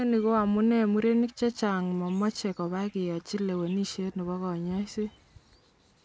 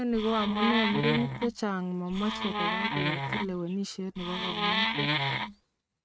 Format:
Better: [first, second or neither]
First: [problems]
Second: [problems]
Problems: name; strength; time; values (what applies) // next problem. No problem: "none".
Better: first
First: none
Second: noise reduction (neural mask model RNNoise)